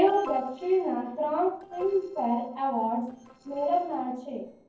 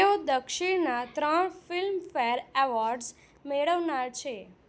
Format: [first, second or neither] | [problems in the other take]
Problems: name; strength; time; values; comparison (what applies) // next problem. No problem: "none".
second | noise reduction (neural separator model SepFormer DNS4)